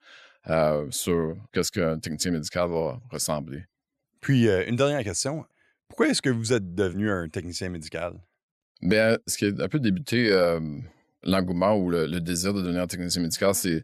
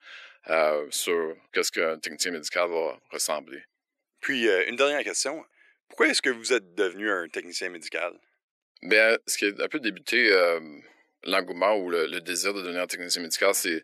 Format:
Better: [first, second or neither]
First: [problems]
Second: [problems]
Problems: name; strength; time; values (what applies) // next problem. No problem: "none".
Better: first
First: none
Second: thin; somewhat; fading below 350 Hz